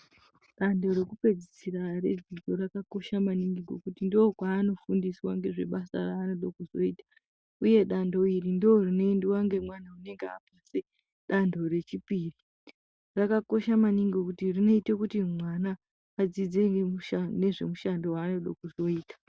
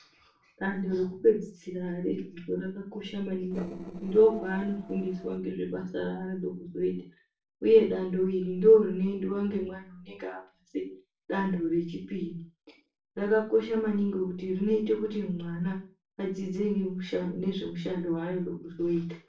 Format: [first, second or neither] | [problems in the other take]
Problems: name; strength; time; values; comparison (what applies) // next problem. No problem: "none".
first | noise reduction (neural separator model SepFormer DNS4)